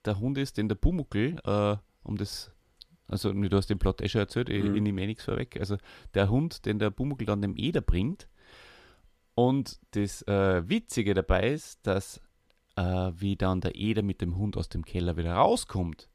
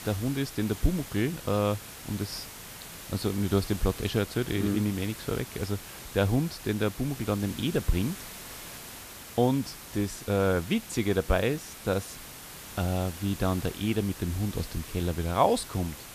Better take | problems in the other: first | hiss; noticeable; throughout; 10 dB below the speech

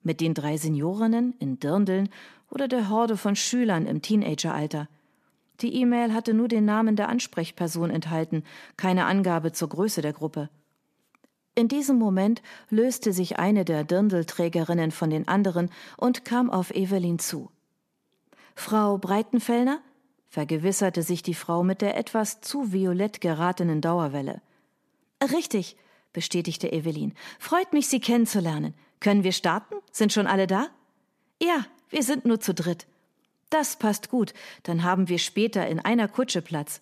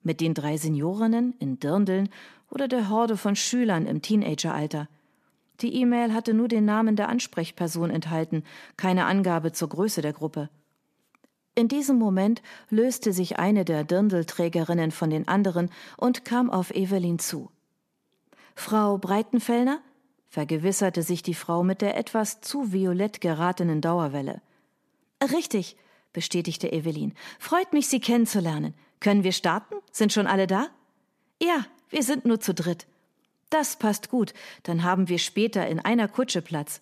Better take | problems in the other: neither | none

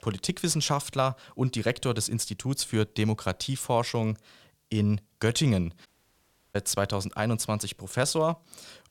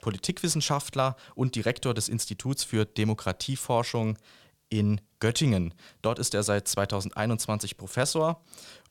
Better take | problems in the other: second | audio cutting out; at 6 s for 0.5 s

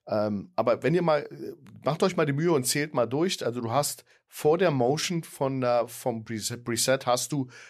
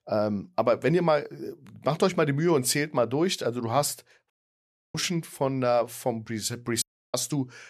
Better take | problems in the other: first | audio cutting out; at 4.5 s for 0.5 s and at 7 s

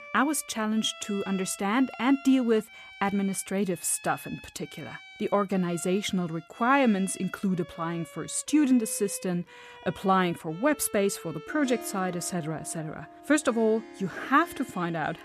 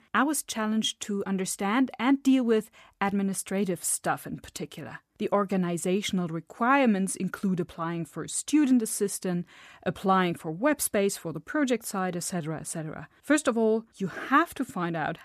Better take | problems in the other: second | background music; noticeable; throughout; 20 dB below the speech

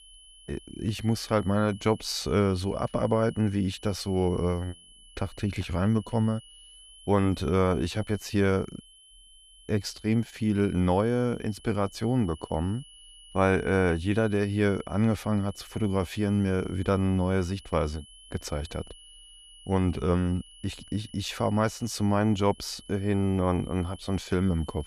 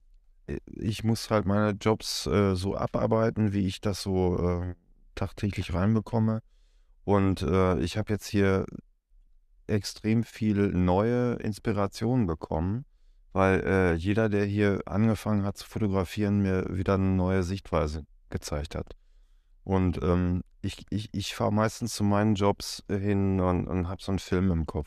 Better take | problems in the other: second | high-pitched whine; faint; throughout; 3 kHz, 20 dB below the speech

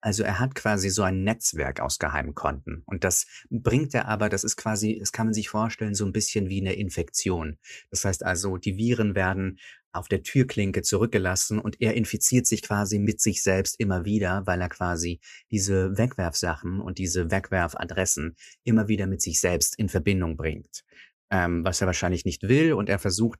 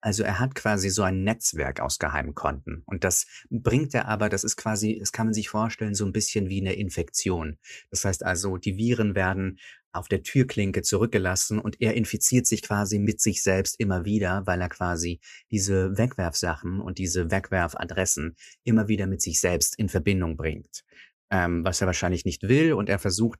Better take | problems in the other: neither | none

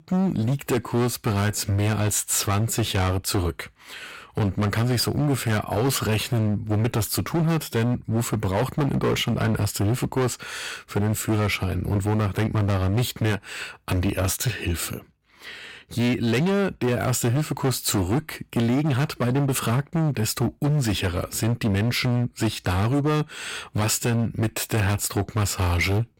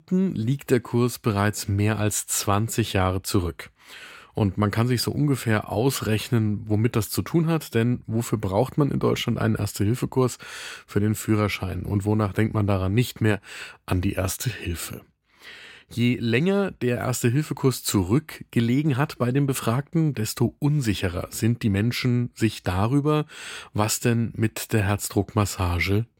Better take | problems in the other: second | distortion; heavy; 18% of the sound clipped

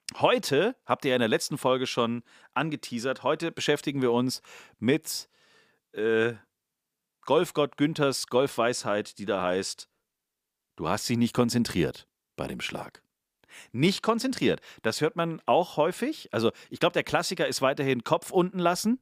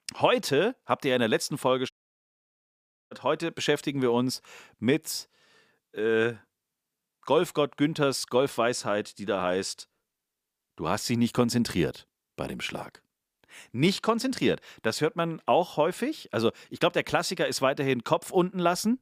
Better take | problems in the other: first | audio cutting out; at 2 s for 1 s

